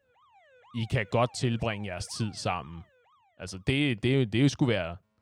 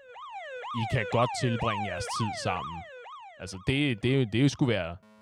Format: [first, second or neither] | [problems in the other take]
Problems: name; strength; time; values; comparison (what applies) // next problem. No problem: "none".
first | alarms or sirens; loud; throughout; 7 dB below the speech; faint in the first